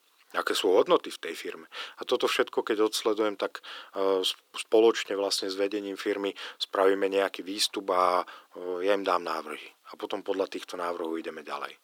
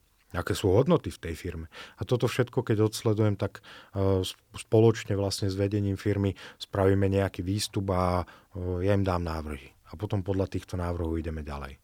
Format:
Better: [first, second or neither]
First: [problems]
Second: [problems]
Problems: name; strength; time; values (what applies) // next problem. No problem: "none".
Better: second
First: thin; very; fading below 350 Hz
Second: none